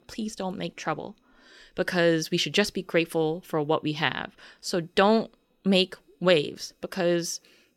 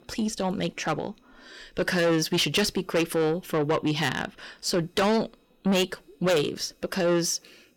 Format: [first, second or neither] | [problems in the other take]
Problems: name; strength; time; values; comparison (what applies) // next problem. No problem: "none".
first | distortion; heavy; 6 dB below the speech